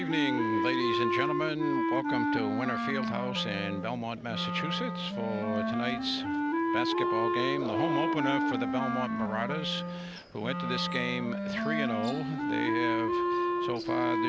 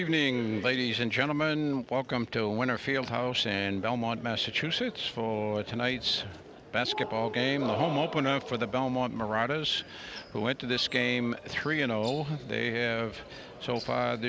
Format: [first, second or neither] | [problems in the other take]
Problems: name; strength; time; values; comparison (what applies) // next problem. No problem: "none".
second | background sound (Wind instrument, woodwind instrument); 3 dB above the speech